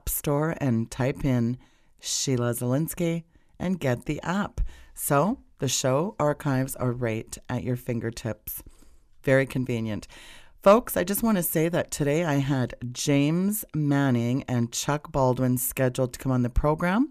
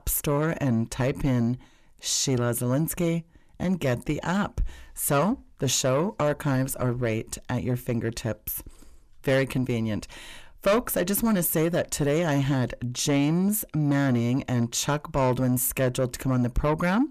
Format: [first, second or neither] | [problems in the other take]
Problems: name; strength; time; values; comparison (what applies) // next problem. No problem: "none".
first | distortion; slight; 10 dB below the speech